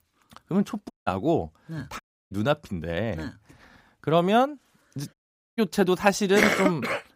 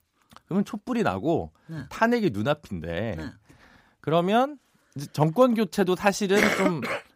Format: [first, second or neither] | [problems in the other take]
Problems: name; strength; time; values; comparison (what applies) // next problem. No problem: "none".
second | audio cutting out; at 1 s, at 2 s and at 5 s